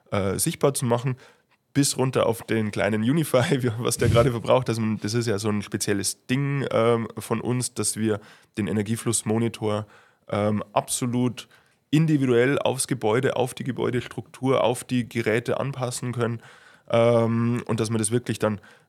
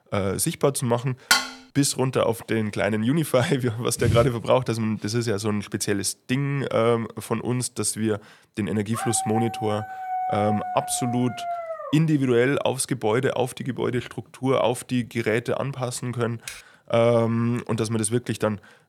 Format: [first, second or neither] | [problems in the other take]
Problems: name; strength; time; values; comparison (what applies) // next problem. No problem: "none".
first | clattering dishes; loud; at 1.5 s; peak 3 dB above the speech // dog barking; noticeable; from 9 to 12 s; peak 2 dB below the speech // keyboard typing; faint; at 16 s; peak 15 dB below the speech